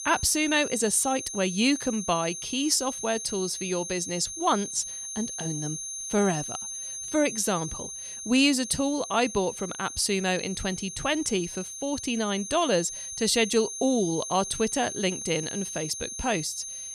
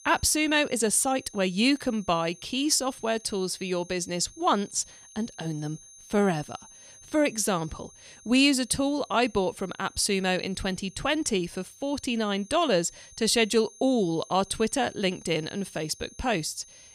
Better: second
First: high-pitched whine; loud; throughout; 6.5 kHz, 7 dB below the speech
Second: high-pitched whine; faint; throughout; 6.5 kHz, 20 dB below the speech

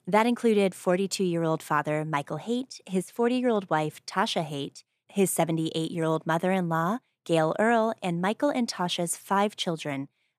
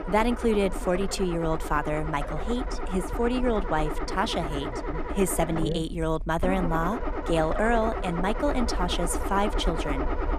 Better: first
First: none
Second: low rumble; loud; throughout; 5 dB below the speech

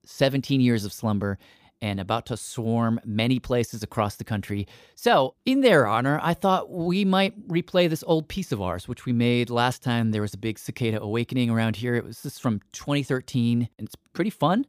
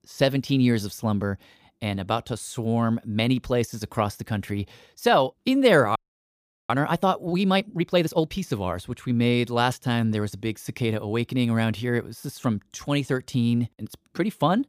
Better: first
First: none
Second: audio freezing; at 6 s for 0.5 s

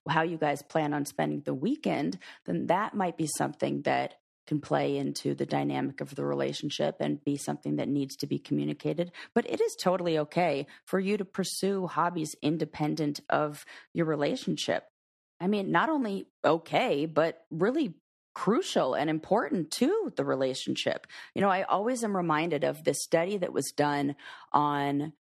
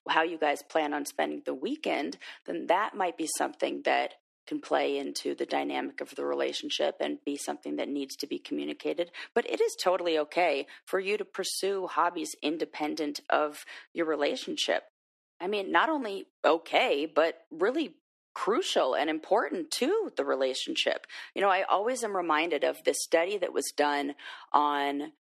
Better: first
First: none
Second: thin; somewhat; fading below 300 Hz

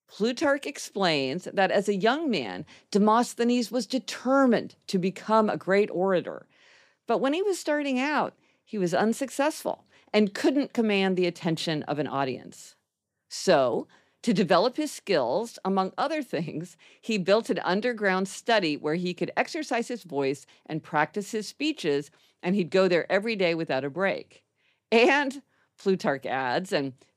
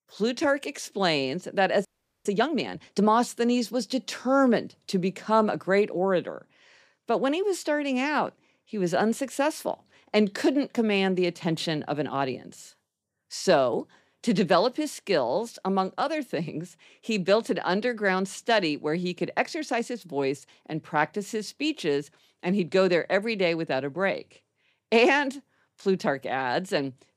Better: first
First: none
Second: audio freezing; at 2 s

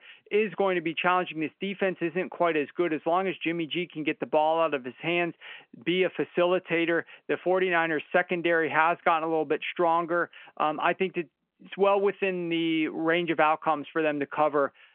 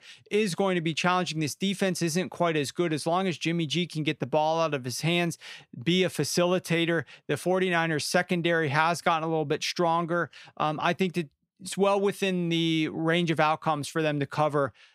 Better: second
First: phone-call audio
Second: none

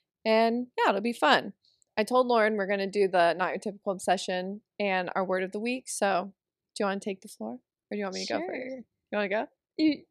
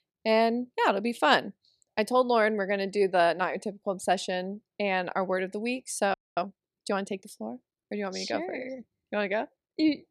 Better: first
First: none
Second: audio freezing; at 6 s

